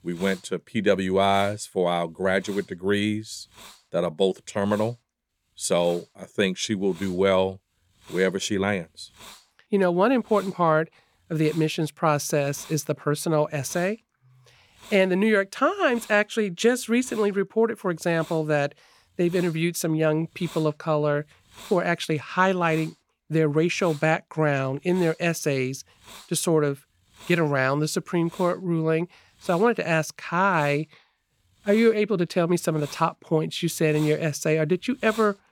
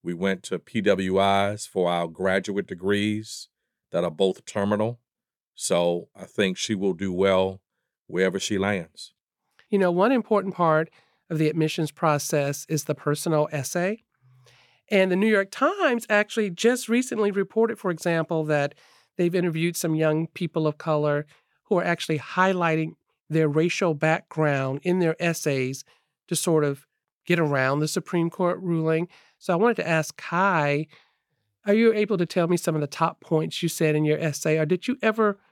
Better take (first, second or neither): second